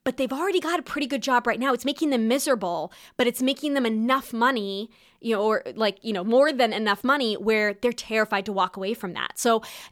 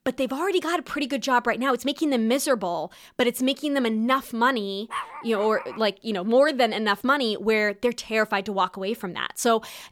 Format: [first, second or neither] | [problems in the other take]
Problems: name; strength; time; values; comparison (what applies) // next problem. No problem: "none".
first | dog barking; noticeable; at 5 s; peak 9 dB below the speech